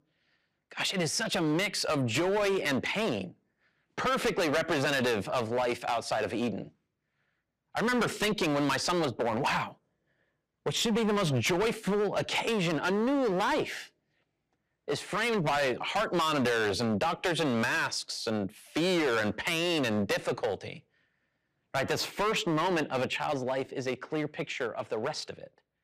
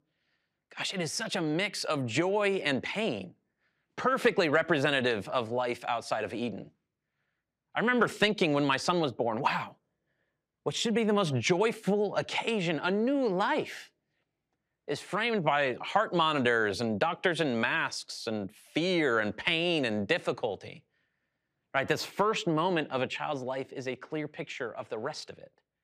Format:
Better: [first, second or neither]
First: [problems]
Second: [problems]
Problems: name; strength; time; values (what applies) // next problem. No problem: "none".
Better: second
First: distortion; heavy; 14% of the sound clipped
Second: none